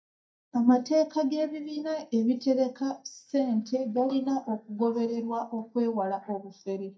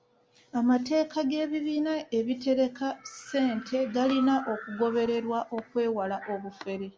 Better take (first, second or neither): second